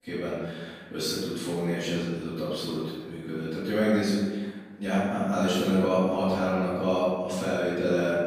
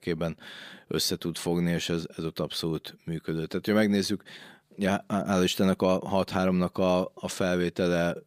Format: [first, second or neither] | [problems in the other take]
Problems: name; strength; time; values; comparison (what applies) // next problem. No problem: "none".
second | off-mic speech; far // room echo; strong; dies away in 1.2 s